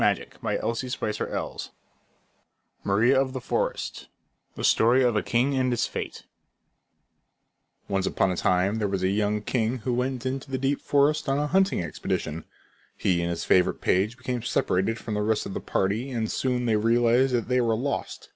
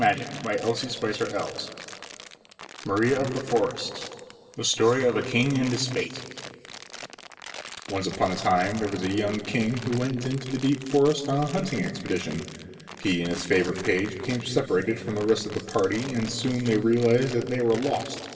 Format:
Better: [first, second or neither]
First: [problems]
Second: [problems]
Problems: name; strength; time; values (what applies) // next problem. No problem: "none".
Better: first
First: none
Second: background sound (Crumpling, crinkling); 16 dB below the speech // room echo; dies away in 2.4 s